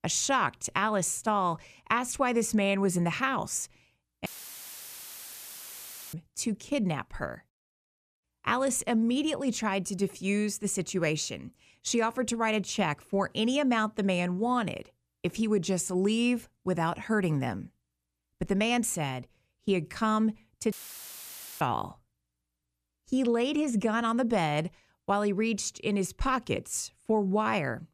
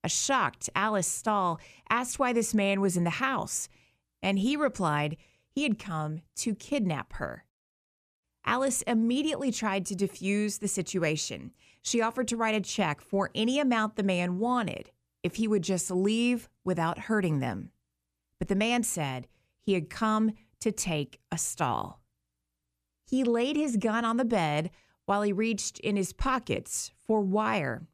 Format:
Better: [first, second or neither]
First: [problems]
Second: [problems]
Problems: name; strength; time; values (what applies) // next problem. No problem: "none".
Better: second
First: audio cutting out; filled with static; at 4.5 s for 2 s and at 21 s for 1 s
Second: none